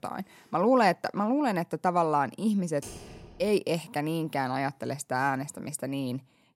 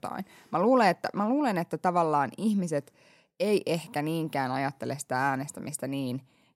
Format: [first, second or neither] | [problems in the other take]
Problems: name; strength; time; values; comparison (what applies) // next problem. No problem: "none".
second | keyboard typing; faint; at 3 s; peak 15 dB below the speech